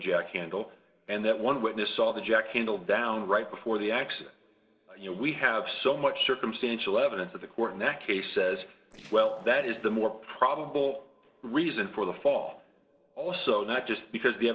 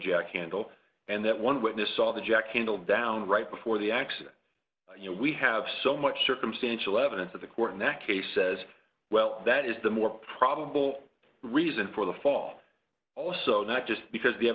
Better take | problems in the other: second | noise reduction (neural separator model SepFormer DNS4)

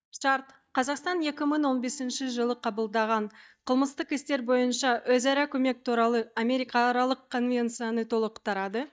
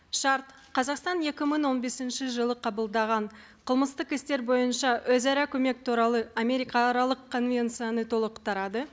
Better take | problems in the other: second | noise reduction (neural mask model DeepFilterNet 3)

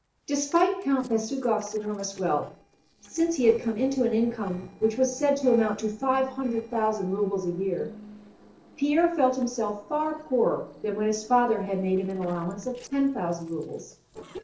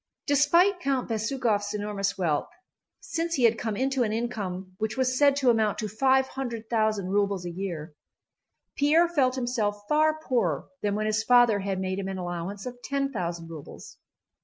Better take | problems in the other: second | noise reduction (neural separator model SepFormer DNS4)

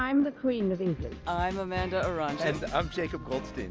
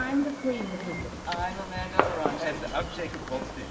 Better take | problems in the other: first | background sound (Fireworks); 3 dB below the speech // room echo; dies away in 1.1 s

